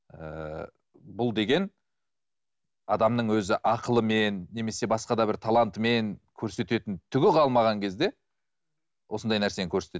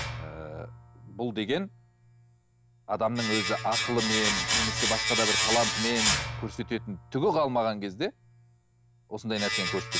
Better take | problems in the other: first | background sound (Domestic sounds, home sounds); 1 dB below the speech

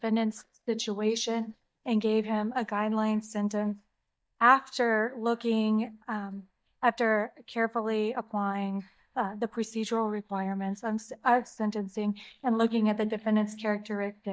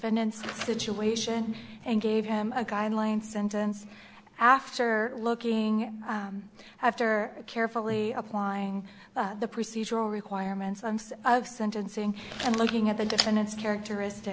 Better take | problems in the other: second | noise reduction (neural mask model DeepFilterNet 3)

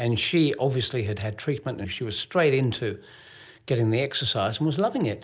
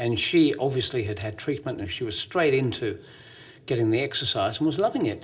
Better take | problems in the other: first | room echo; dies away in 0.6 s

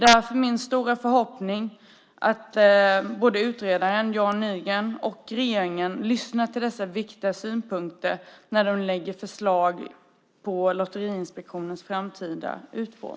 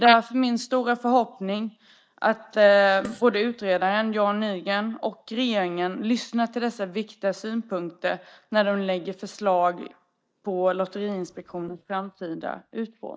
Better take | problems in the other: first | noise reduction (neural mask model DeepFilterNet 3)

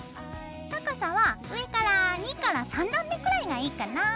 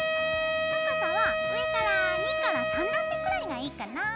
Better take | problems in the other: first | background sound (Wind instrument, woodwind instrument); 3 dB above the speech

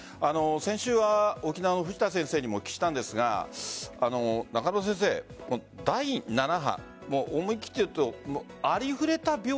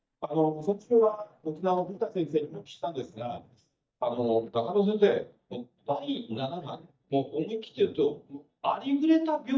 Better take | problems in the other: first | noise reduction (neural mask model DeepFilterNet 3)

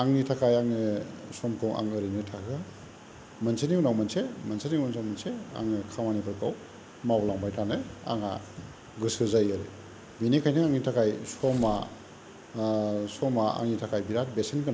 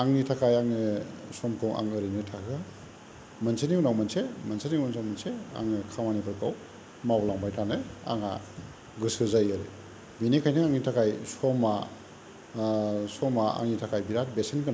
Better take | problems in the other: second | background sound (Tearing); 17 dB below the speech

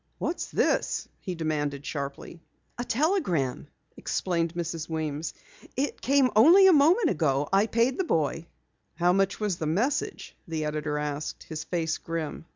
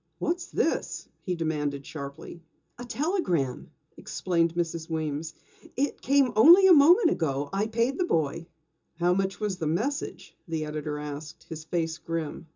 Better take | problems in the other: first | room echo; dies away in 0.2 s

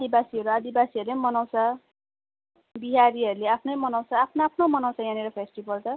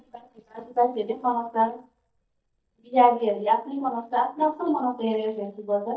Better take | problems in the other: first | noise reduction (neural mask model DeepFilterNet 3)

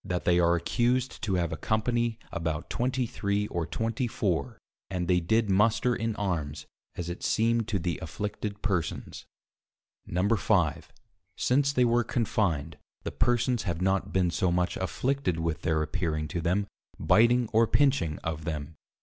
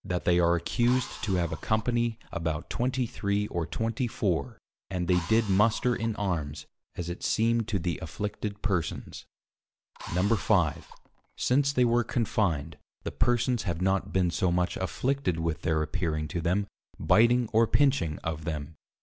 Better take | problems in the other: first | background sound (Drill); 19 dB below the speech

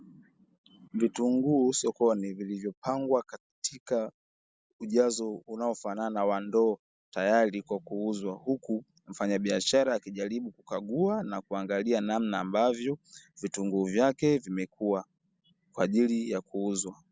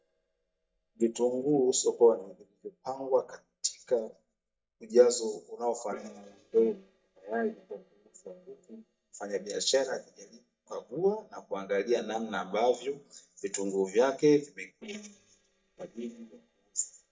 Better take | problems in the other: first | noise reduction (neural mask model DeepFilterNet 3)

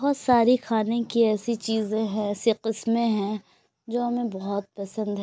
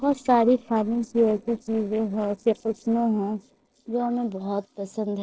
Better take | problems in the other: first | noise reduction (neural separator model SepFormer DNS4)

